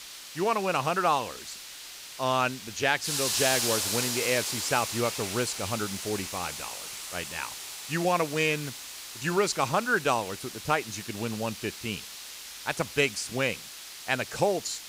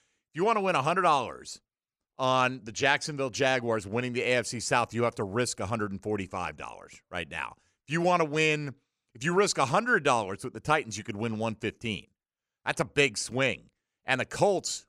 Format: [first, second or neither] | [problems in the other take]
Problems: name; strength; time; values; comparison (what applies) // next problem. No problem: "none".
second | hiss; loud; throughout; 5 dB below the speech